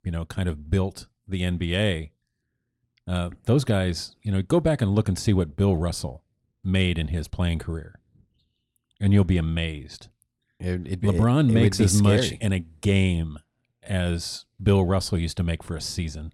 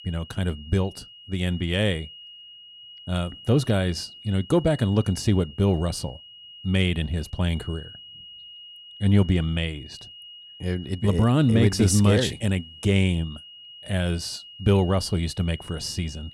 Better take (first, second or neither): first